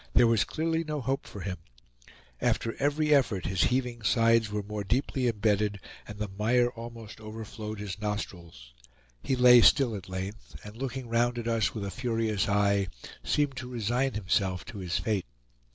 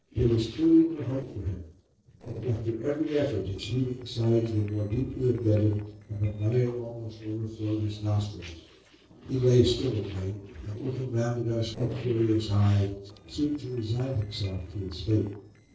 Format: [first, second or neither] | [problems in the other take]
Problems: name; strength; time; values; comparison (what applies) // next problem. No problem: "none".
first | noise reduction (neural separator model SepFormer DNS4)